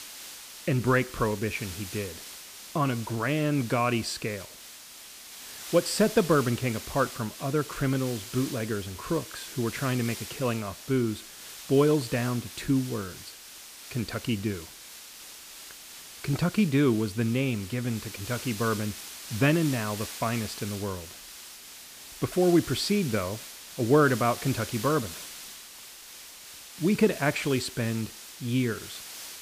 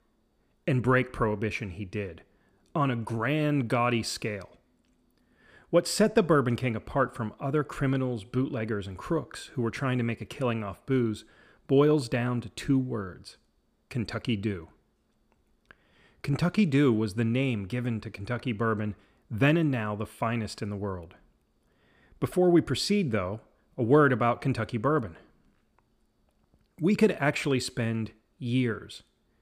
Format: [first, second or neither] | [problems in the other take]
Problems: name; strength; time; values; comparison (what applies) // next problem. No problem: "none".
second | hiss; noticeable; throughout; 10 dB below the speech